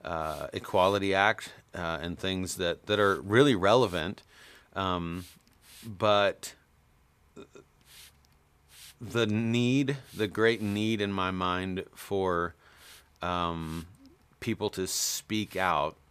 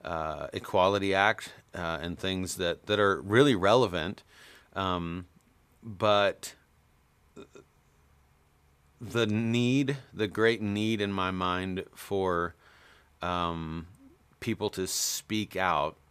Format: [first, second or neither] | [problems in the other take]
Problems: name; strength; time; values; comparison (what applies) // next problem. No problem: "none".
second | hiss; faint; throughout; 25 dB below the speech